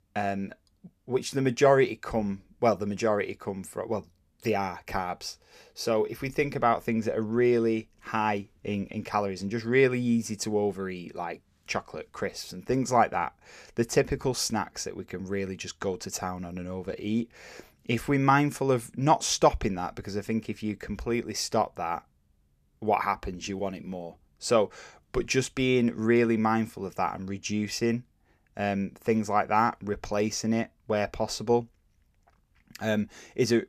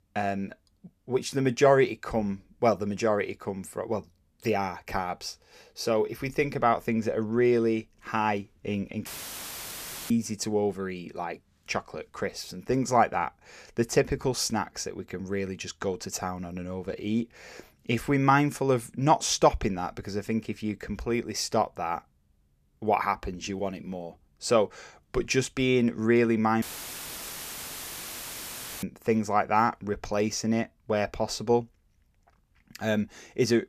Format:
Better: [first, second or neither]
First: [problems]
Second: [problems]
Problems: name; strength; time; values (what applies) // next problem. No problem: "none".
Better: first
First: none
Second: audio cutting out; filled with static; at 9 s for 1 s and at 27 s for 2 s